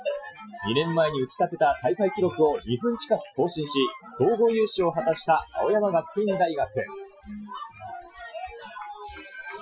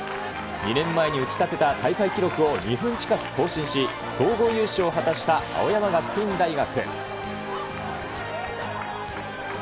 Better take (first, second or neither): second